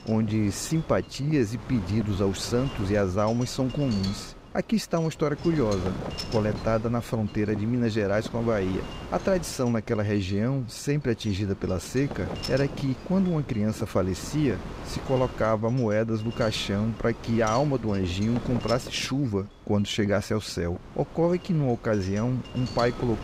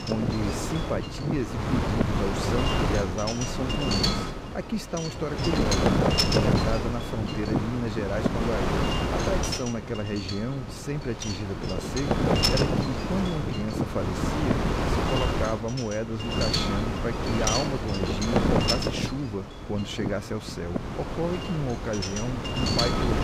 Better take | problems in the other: first | wind noise on the microphone; heavy; 5 dB above the speech; occasional gusts in the first

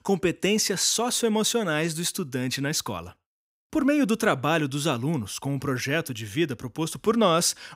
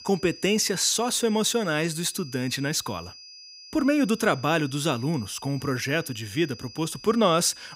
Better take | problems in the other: first | high-pitched whine; noticeable; throughout; 5 kHz, 20 dB below the speech

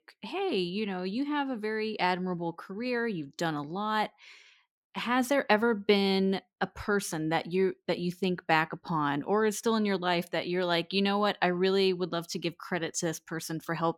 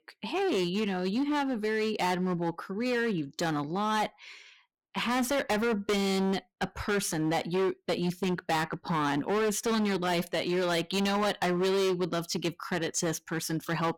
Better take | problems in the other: first | distortion; heavy; 18% of the sound clipped

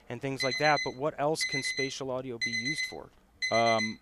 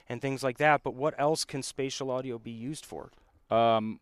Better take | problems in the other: second | alarm; loud; peak 2 dB above the speech

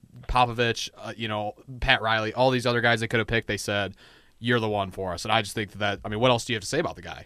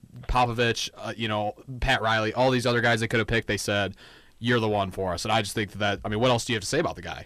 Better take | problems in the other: first | distortion; slight; 10 dB below the speech

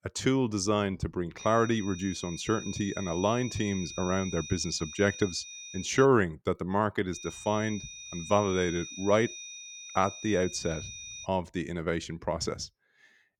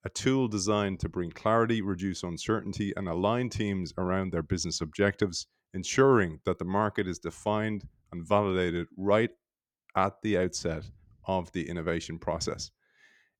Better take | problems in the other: second | high-pitched whine; noticeable; from 1.5 to 6 s and from 7 to 11 s; 6 kHz, 10 dB below the speech

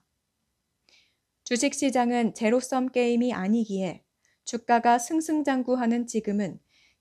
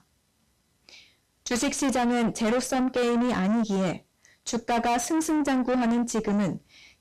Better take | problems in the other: first | distortion; heavy; 6 dB below the speech

